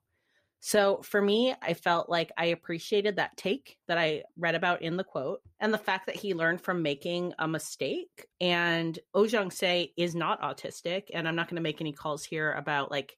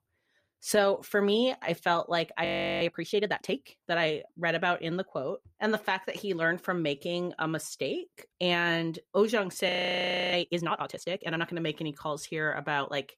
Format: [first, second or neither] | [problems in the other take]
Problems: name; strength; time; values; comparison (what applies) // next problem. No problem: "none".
first | audio freezing; at 2.5 s and at 9.5 s for 0.5 s